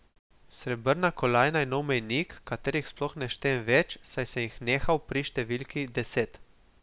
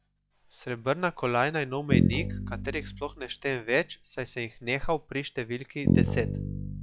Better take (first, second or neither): first